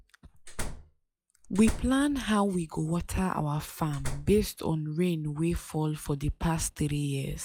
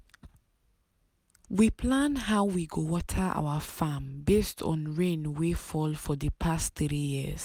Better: second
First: noise reduction (classical method log-MMSE)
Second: none

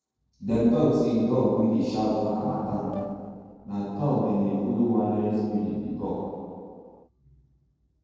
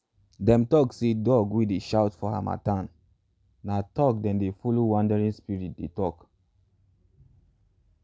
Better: second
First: noise reduction (neural separator model SepFormer DNS4)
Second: none

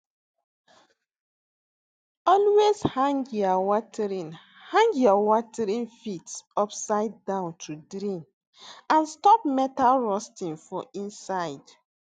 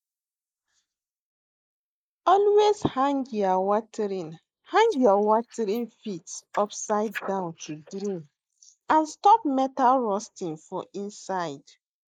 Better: first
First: none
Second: noise reduction (neural mask model Resemble Enhance denoiser)

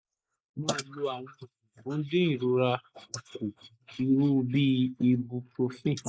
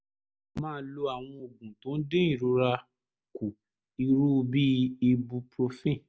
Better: second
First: noise reduction (neural mask model Resemble Enhance denoiser)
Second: none

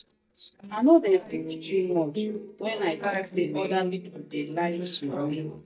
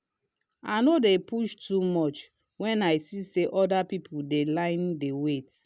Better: second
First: noise reduction (neural mask model DeepFilterNet 3)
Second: none

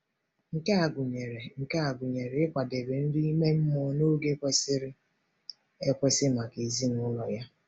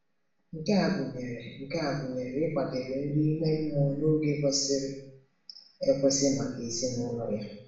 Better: first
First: none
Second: room echo; dies away in 0.6 s

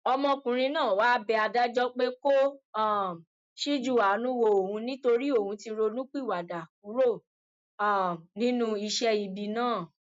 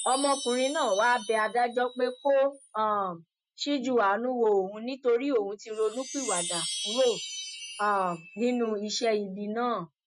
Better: first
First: none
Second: noise reduction (classical method Wiener filter)

